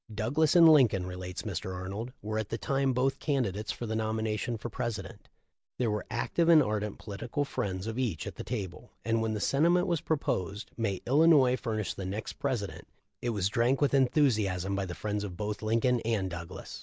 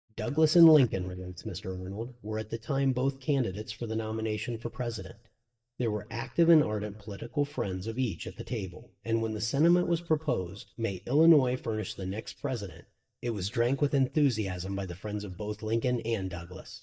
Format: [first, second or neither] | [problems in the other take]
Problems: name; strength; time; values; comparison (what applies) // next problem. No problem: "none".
first | noise reduction (neural mask model DeepFilterNet 3)